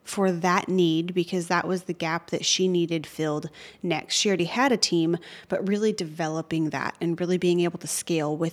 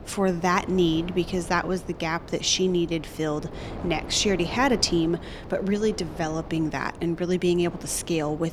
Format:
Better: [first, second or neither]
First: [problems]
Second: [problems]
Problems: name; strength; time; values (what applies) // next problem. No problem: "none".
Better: first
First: none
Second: wind noise on the microphone; occasional gusts; 15 dB below the speech